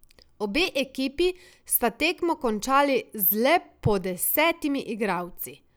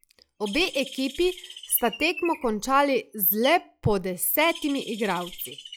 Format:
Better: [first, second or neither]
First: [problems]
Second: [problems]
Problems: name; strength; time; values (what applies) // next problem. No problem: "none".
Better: first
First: none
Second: noise reduction (classical method log-MMSE)